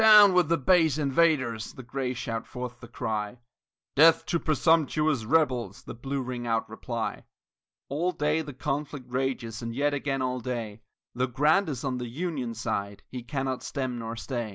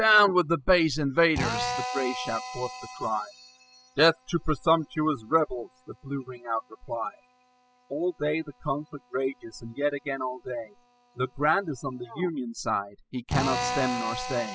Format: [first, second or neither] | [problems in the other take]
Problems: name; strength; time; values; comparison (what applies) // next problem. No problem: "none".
first | noise reduction (classical method spectral subtraction)